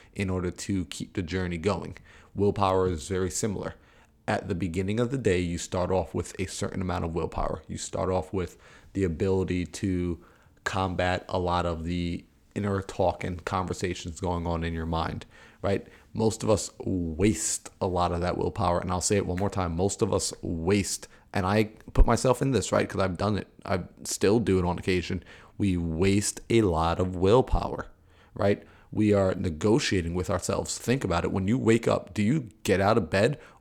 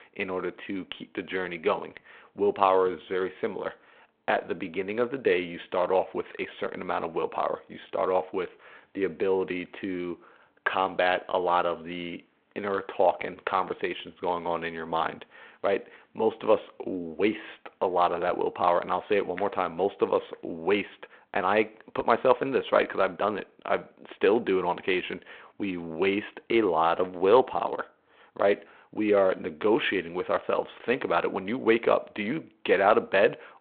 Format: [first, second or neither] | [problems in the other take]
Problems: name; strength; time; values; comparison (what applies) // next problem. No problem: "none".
first | phone-call audio